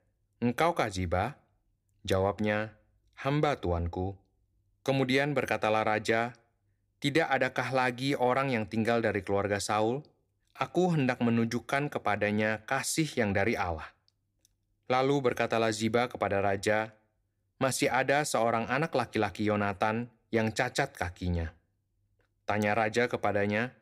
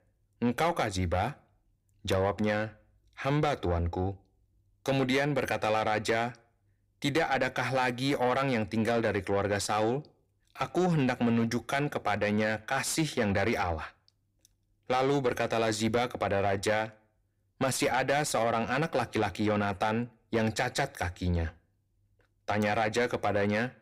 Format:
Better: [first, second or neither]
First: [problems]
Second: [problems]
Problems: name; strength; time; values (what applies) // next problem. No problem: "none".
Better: first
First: none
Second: distortion; slight; 10 dB below the speech